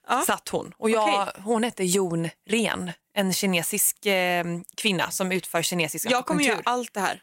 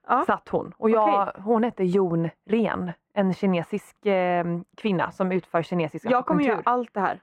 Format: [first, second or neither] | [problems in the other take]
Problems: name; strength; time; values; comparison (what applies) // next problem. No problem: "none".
first | muffled; very; fading above 3.5 kHz